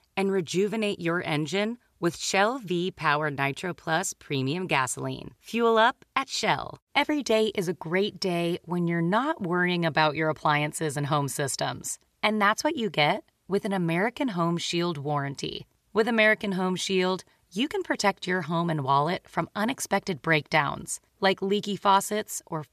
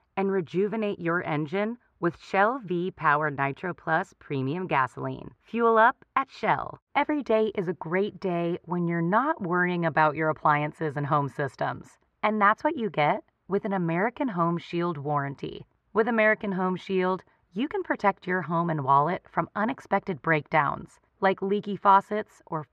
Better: first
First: none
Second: muffled; very; fading above 4 kHz

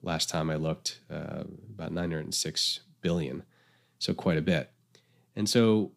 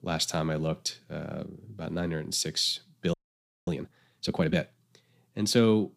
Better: first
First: none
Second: audio freezing; at 3 s for 0.5 s

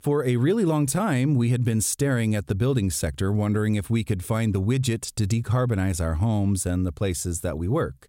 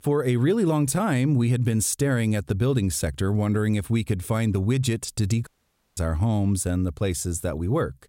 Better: first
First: none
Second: audio cutting out; at 5.5 s for 0.5 s

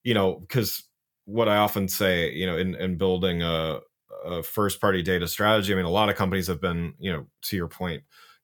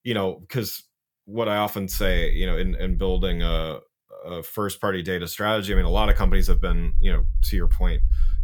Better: first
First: none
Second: low rumble; faint; from 2 to 3.5 s and from 5.5 s on; 25 dB below the speech

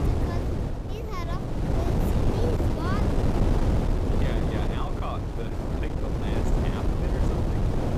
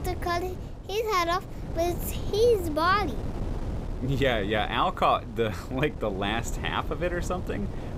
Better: second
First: wind noise on the microphone; heavy; 5 dB above the speech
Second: wind noise on the microphone; occasional gusts; 15 dB below the speech

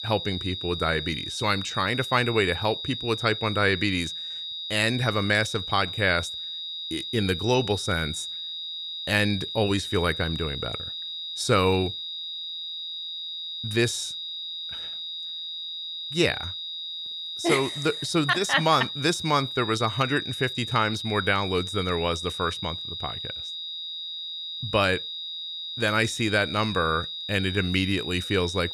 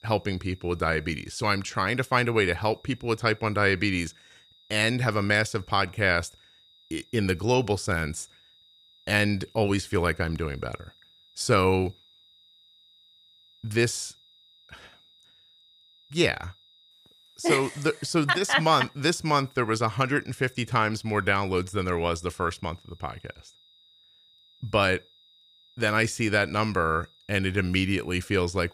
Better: second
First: high-pitched whine; loud; throughout; 4 kHz, 6 dB below the speech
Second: high-pitched whine; faint; throughout; 4 kHz, 30 dB below the speech

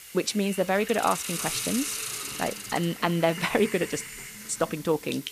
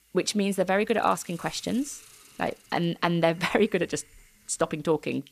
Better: second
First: hiss; loud; throughout; 7 dB below the speech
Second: hiss; faint; throughout; 25 dB below the speech

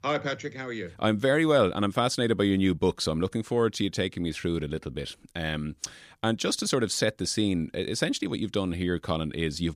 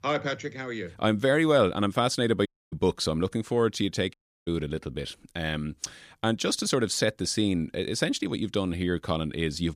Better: first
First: none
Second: audio cutting out; at 2.5 s and at 4 s

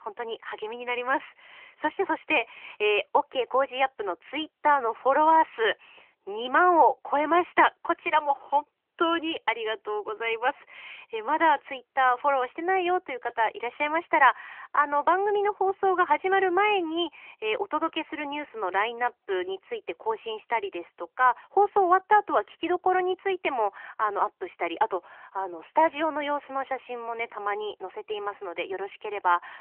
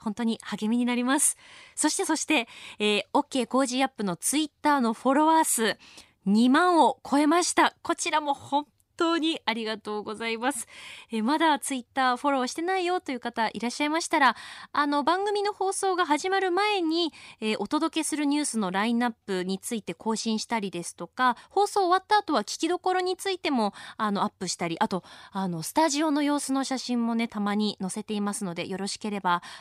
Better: second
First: phone-call audio; nothing above 3 kHz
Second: none

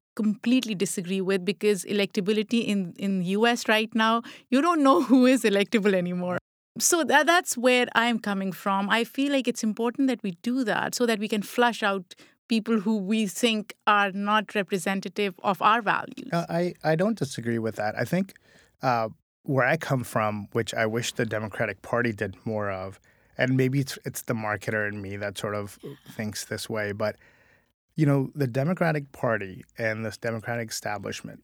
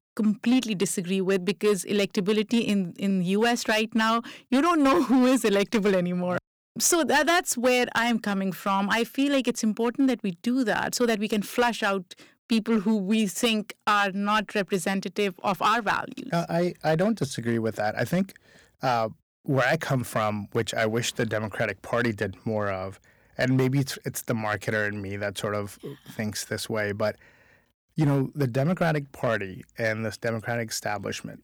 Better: first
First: none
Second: distortion; slight; 4% of the sound clipped

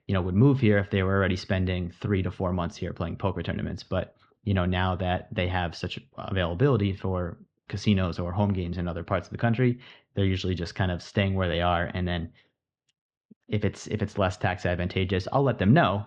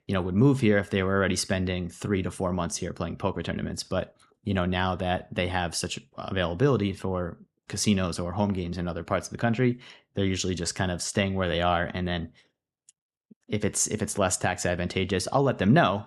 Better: second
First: muffled; slightly; fading above 4 kHz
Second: none

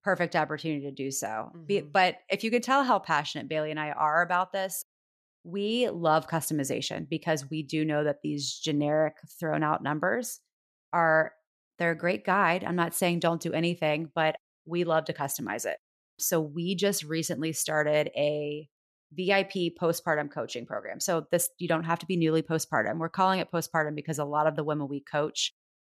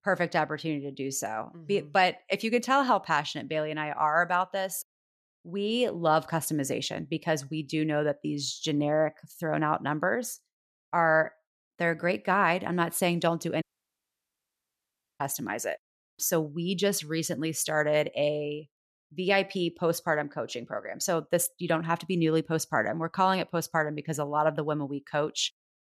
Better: first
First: none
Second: audio cutting out; at 14 s for 1.5 s

